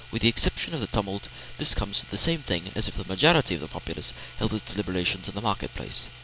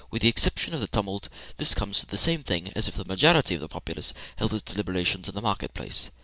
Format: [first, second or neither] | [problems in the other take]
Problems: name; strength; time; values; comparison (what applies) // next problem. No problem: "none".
second | background sound (Domestic sounds, home sounds); 18 dB below the speech